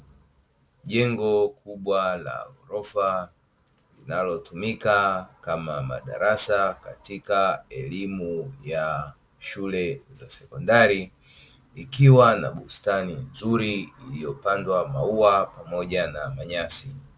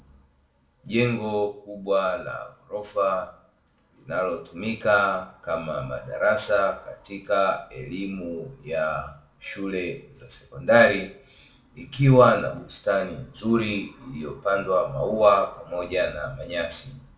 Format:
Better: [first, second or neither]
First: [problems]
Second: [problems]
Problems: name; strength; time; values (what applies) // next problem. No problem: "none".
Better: first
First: none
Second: room echo; dies away in 0.4 s